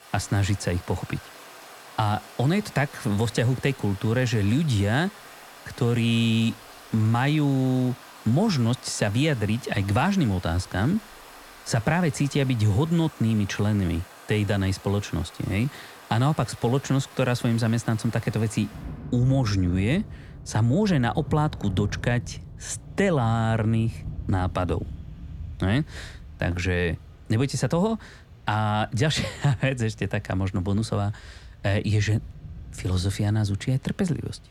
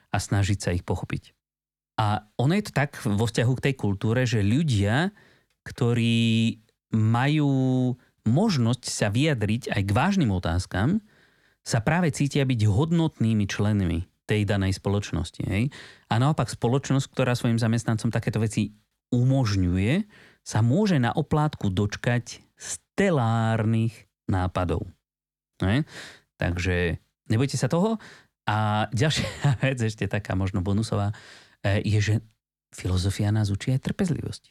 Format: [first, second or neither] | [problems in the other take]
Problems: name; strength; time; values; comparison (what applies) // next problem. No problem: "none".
second | rain or running water; noticeable; throughout; 15 dB below the speech